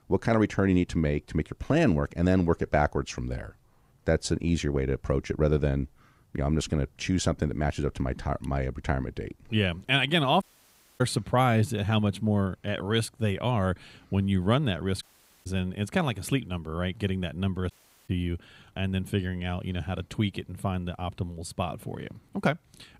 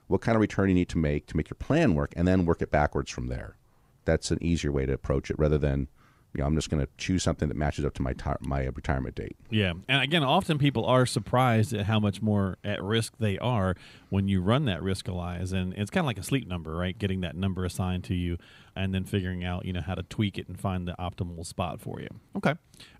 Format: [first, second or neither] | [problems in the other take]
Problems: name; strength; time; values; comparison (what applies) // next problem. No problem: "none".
second | audio cutting out; at 10 s for 0.5 s, at 15 s and at 18 s